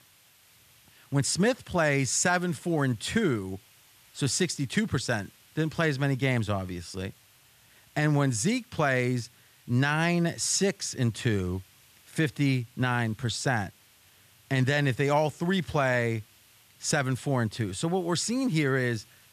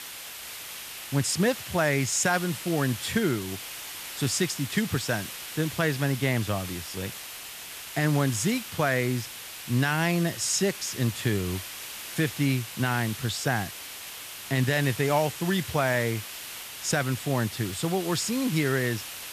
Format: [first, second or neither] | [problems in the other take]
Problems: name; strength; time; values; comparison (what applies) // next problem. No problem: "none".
first | hiss; loud; throughout; 9 dB below the speech; faint in the first